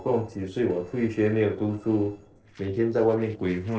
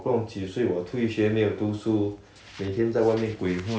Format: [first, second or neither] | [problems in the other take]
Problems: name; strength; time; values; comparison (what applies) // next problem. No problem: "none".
second | noise reduction (neural separator model SepFormer DNS4)